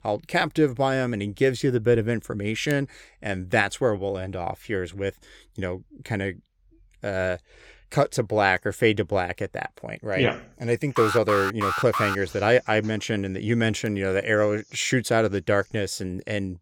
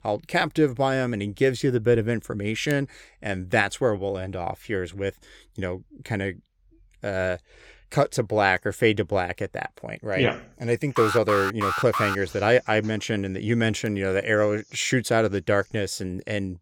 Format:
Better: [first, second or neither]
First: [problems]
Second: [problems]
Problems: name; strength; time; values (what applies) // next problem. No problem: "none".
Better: neither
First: alarm; noticeable; from 11 to 12 s; peak 1 dB below the speech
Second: alarm; noticeable; from 11 to 12 s; peak 1 dB below the speech